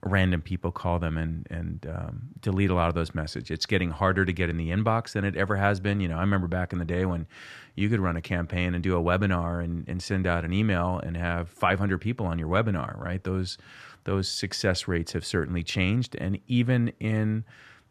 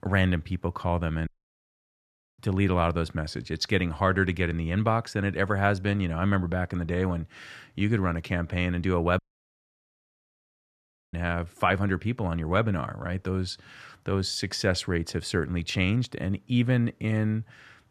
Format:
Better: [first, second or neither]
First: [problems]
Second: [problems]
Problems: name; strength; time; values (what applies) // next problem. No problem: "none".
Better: first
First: none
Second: audio cutting out; at 1.5 s for 1 s and at 9 s for 2 s